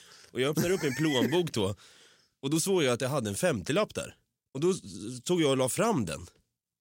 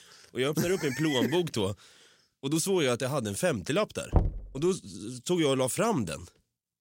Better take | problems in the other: first | door banging; noticeable; at 4 s; peak 1 dB below the speech

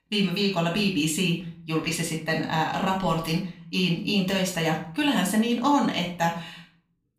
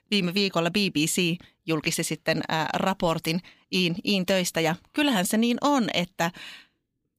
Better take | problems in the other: second | off-mic speech; somewhat distant // room echo; slight; dies away in 0.4 s

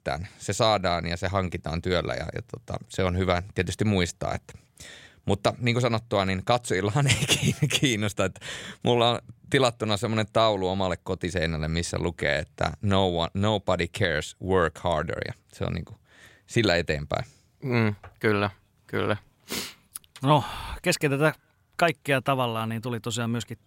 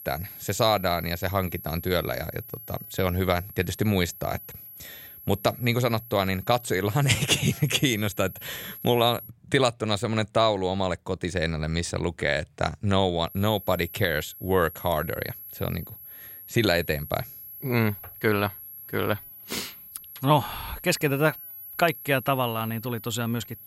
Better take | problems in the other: first | high-pitched whine; noticeable; until 9.5 s and from 13 s on; 11.5 kHz, 15 dB below the speech

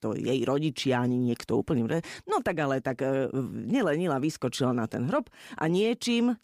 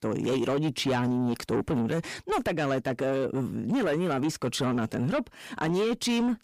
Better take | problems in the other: first | distortion; slight; 10 dB below the speech

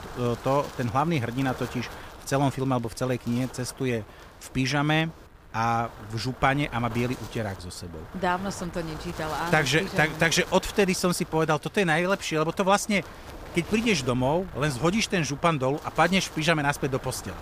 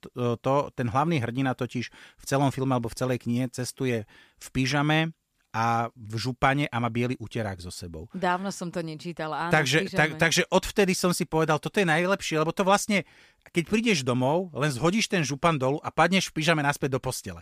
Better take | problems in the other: second | wind noise on the microphone; occasional gusts; 15 dB below the speech

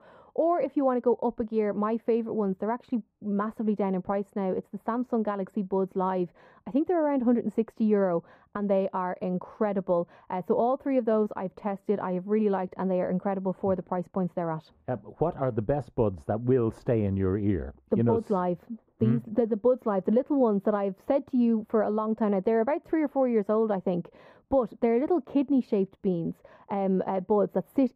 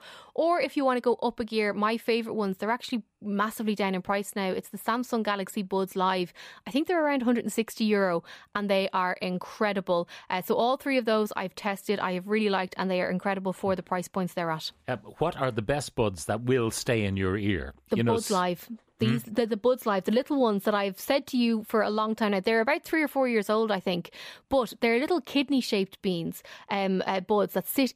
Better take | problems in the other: second | muffled; very; fading above 2 kHz

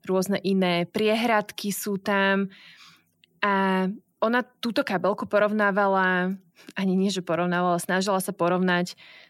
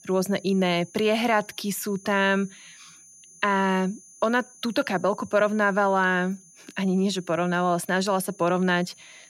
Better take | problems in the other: first | high-pitched whine; faint; throughout; 6.5 kHz, 25 dB below the speech

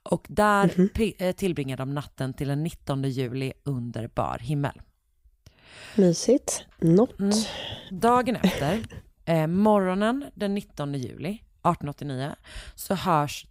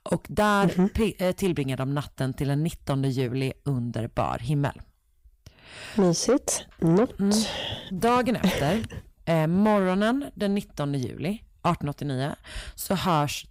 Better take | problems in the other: first | distortion; slight; 10 dB below the speech

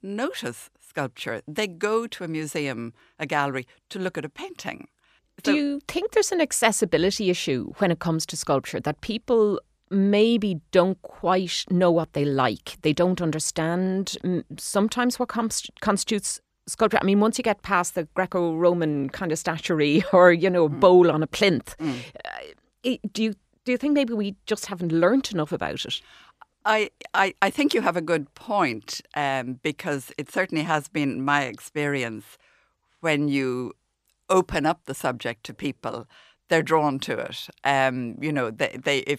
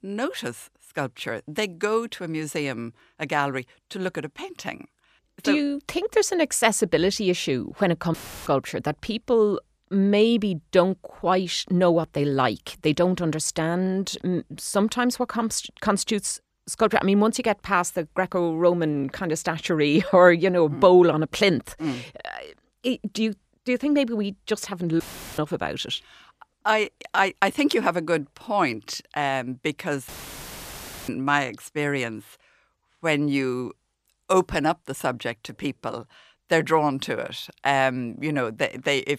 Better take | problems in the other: first | audio cutting out; filled with static; at 8 s, at 25 s and at 30 s for 1 s

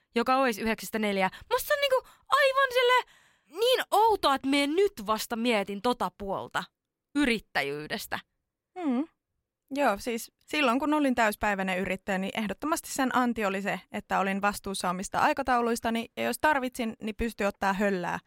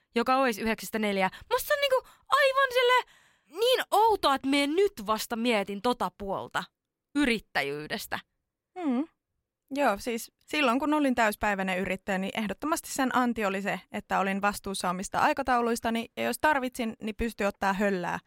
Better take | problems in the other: neither | none

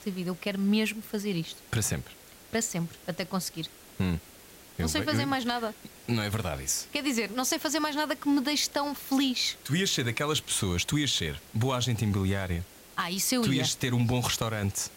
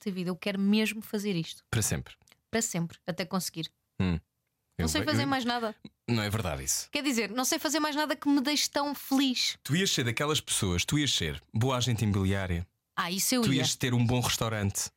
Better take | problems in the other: second | hiss; faint; throughout; 20 dB below the speech

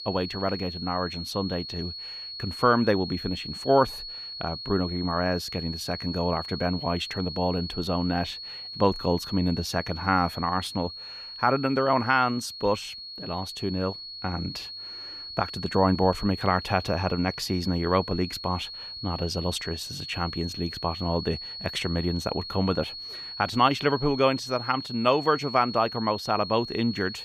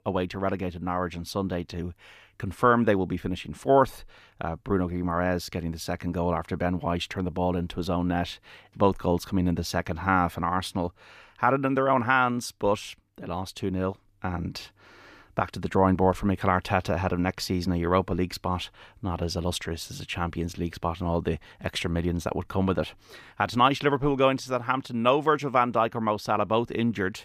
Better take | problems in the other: second | high-pitched whine; loud; throughout; 4.5 kHz, 9 dB below the speech

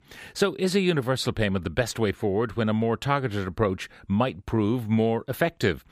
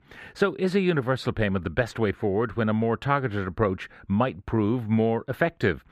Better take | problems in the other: first | muffled; slightly; fading above 3.5 kHz

